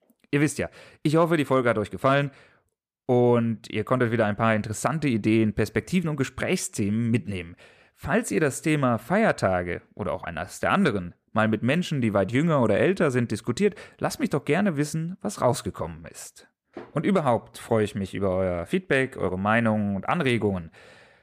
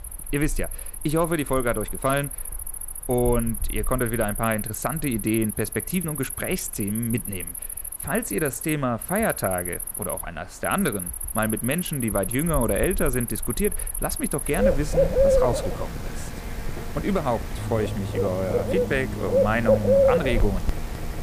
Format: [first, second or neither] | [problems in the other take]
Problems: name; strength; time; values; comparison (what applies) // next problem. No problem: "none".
first | animal sounds; loud; throughout; 1 dB below the speech